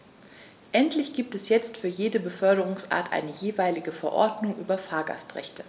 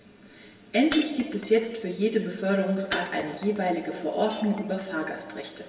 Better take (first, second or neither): first